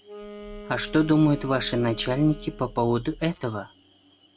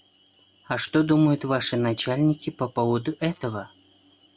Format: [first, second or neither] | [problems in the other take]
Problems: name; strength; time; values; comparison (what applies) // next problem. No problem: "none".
second | background sound (Wind instrument, woodwind instrument + Growling); 16 dB below the speech